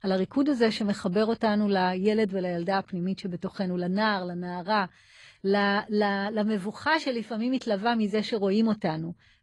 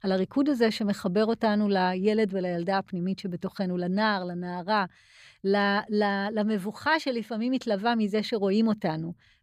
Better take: second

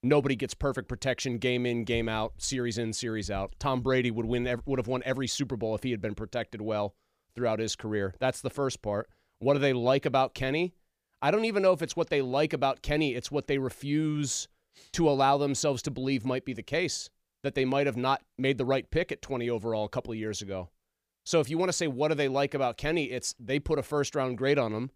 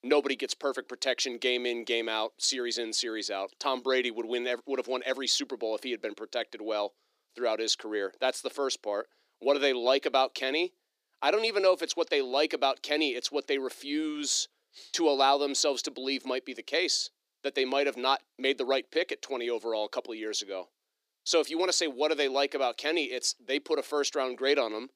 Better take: first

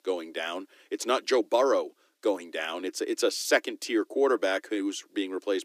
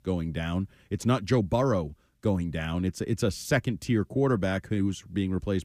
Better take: second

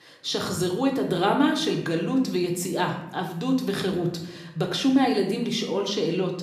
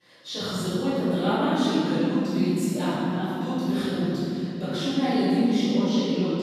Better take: first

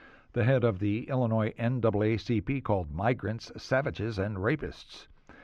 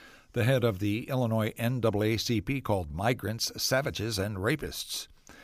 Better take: second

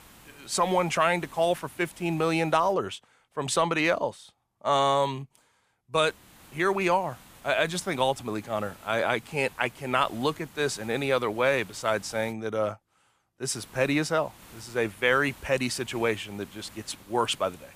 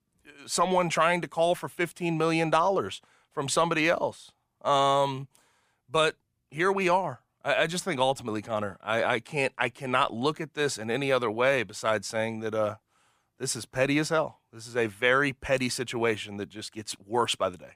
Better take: second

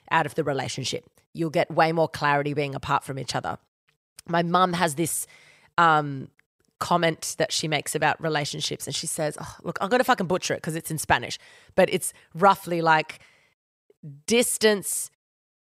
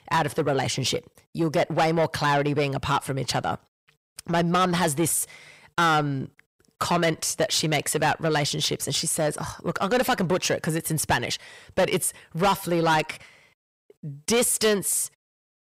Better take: first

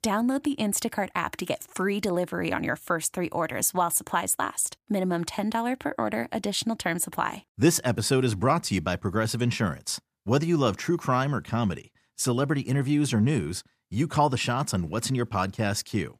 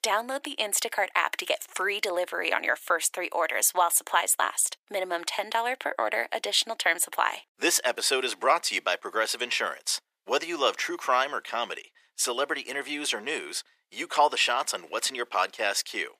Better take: first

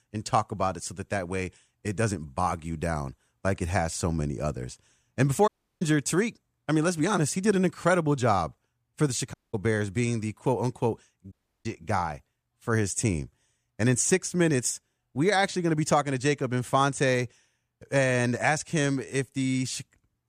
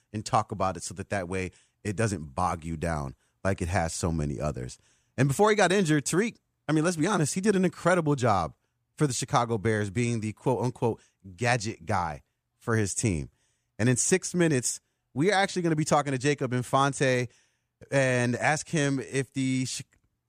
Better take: second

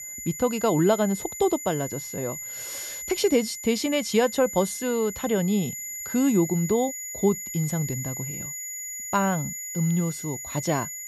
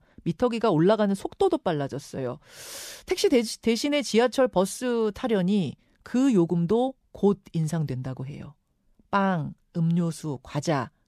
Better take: second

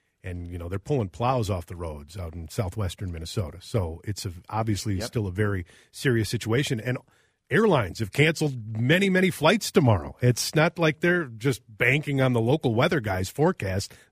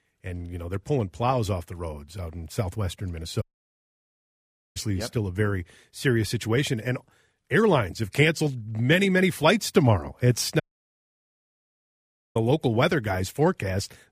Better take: first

